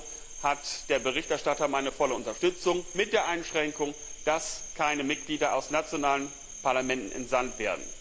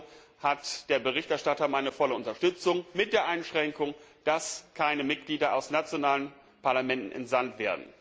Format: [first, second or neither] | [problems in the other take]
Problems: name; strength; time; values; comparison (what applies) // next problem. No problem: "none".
second | background sound (Cricket); 12 dB below the speech